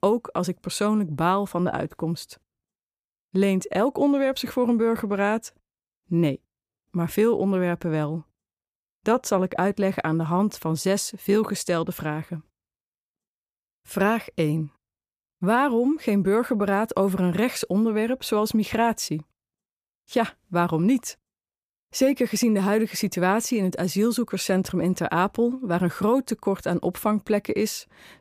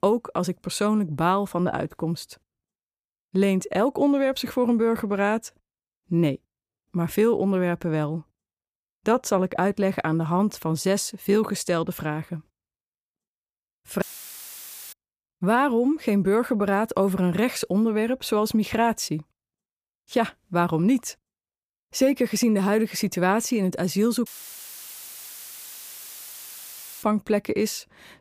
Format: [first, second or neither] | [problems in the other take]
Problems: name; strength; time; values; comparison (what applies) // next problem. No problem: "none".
first | audio cutting out; filled with static; at 14 s for 1 s and at 24 s for 3 s